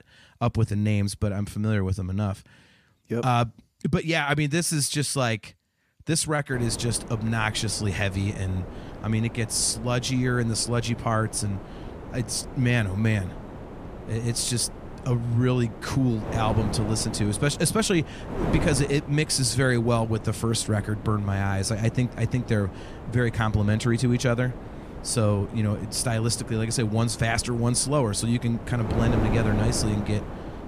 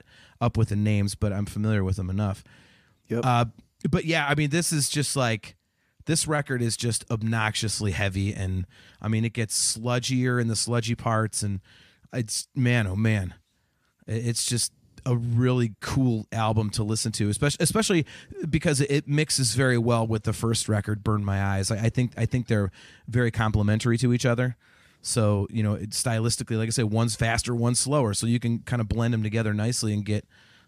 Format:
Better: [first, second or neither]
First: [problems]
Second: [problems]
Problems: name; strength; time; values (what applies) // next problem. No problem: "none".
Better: second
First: wind noise on the microphone; occasional gusts; from 6.5 s on; 10 dB below the speech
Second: none